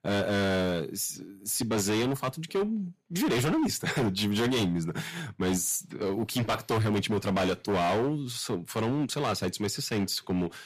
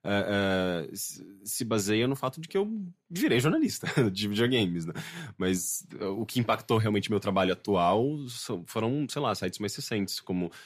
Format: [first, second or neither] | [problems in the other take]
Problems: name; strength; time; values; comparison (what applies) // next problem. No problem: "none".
second | distortion; heavy; 17% of the sound clipped